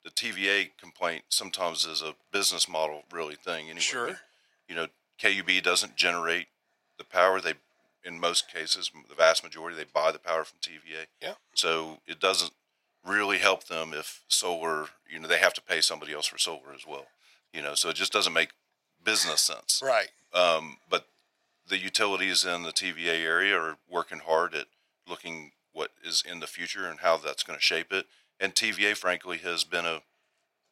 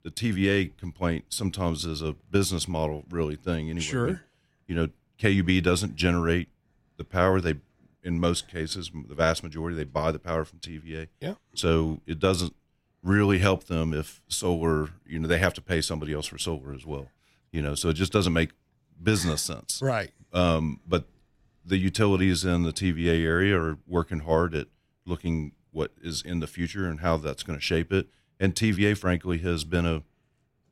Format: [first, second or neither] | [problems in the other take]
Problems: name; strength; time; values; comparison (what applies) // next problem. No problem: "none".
second | thin; very; fading below 700 Hz